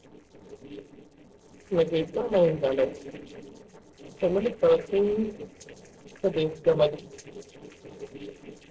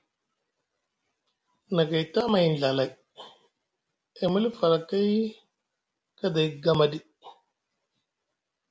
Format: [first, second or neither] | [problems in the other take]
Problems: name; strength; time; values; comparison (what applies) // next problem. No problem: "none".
second | noise reduction (neural separator model SepFormer DNS4)